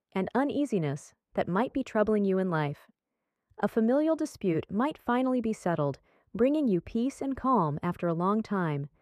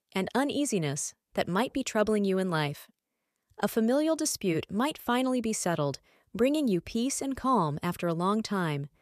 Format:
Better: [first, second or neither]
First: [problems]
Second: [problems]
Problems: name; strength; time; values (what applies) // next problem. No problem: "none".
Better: second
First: muffled; very; fading above 3 kHz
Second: none